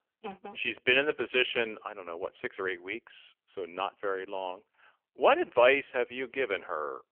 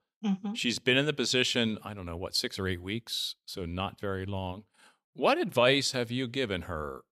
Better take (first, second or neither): second